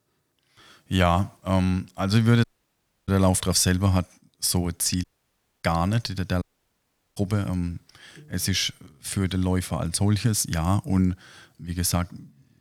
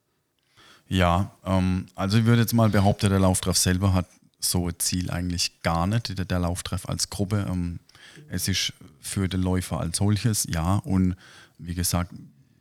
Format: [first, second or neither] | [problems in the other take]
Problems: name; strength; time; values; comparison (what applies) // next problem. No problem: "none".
second | audio cutting out; at 2.5 s for 0.5 s, at 5 s for 0.5 s and at 6.5 s for 0.5 s